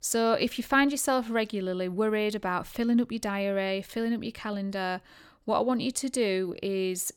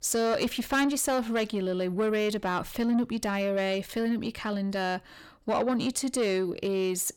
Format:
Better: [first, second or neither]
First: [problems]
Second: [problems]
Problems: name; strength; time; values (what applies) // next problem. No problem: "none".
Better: first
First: none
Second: distortion; slight; 10 dB below the speech